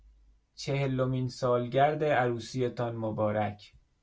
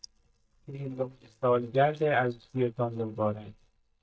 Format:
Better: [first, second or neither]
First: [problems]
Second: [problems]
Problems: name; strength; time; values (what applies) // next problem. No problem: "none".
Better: first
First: none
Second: noise reduction (neural mask model DeepFilterNet 3)